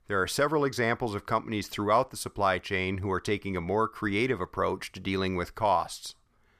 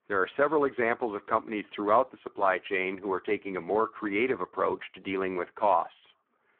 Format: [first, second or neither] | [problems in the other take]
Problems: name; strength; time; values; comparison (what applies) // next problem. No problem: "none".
first | phone-call audio; poor line